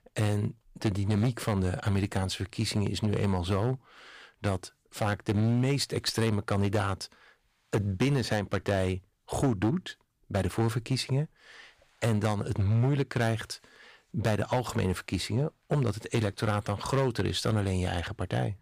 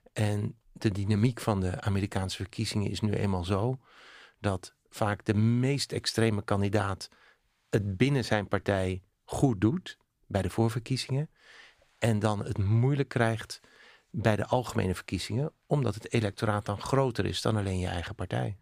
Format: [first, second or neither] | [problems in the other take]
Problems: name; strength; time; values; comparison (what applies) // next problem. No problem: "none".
second | distortion; slight; 7% of the sound clipped